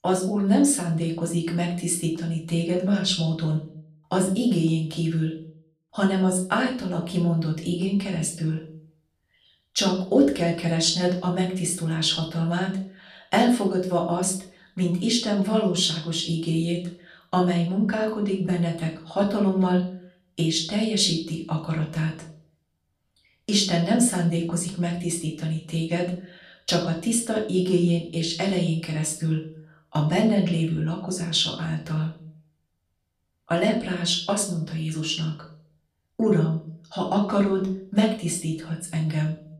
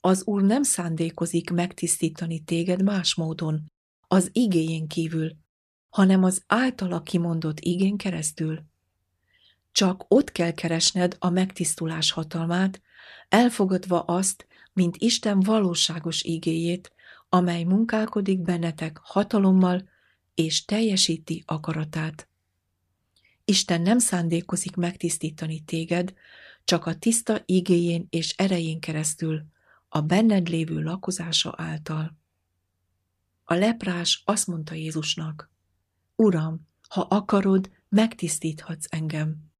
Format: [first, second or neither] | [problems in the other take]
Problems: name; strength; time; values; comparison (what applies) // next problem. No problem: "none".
second | room echo; slight; dies away in 0.4 s // off-mic speech; far